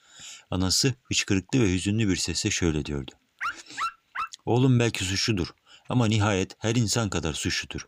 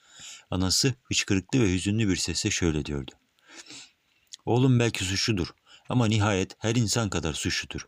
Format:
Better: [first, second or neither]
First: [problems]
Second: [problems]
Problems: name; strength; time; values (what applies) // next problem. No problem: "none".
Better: second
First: dog barking; noticeable; at 3.5 s; peak 6 dB below the speech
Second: none